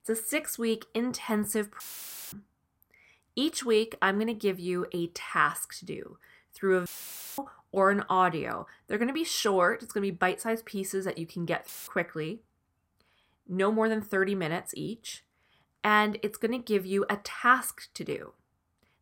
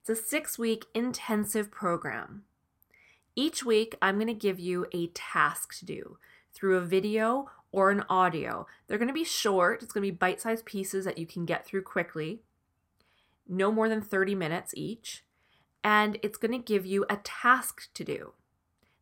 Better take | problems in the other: second | audio cutting out; filled with static; at 2 s for 0.5 s, at 7 s for 0.5 s and at 12 s

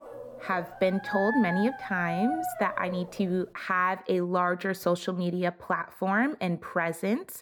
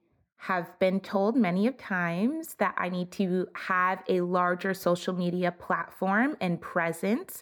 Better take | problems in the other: second | dog barking; noticeable; until 3 s; peak 2 dB below the speech

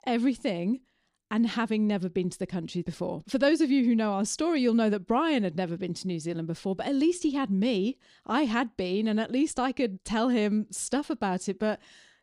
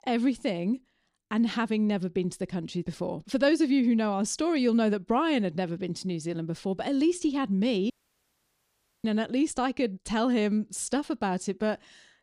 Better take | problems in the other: first | audio cutting out; at 8 s for 1 s

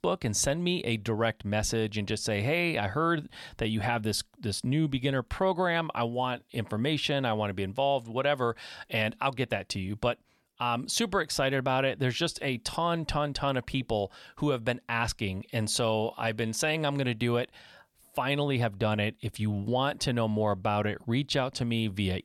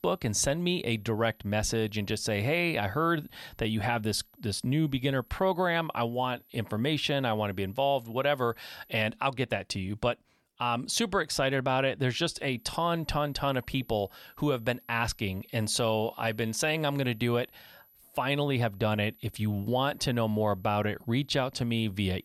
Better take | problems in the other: first | high-pitched whine; faint; until 9 s and from 13 s on; 12 kHz, 30 dB below the speech

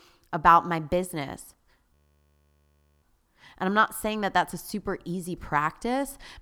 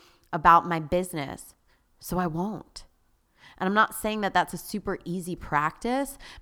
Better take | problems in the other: second | audio freezing; at 2 s for 1 s

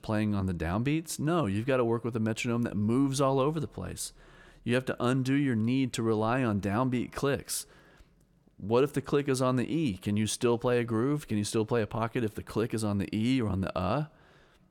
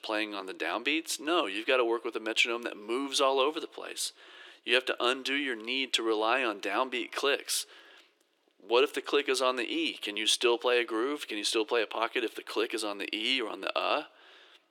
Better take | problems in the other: first | thin; very; fading below 350 Hz

